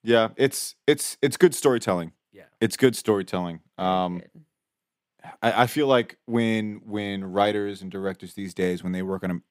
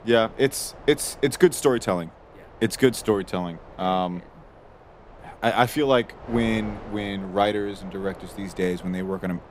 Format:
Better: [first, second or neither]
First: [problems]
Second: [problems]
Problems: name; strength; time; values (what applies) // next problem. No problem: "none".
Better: first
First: none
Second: wind noise on the microphone; occasional gusts; 20 dB below the speech